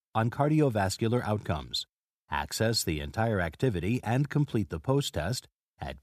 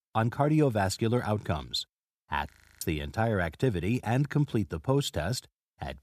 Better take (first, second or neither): first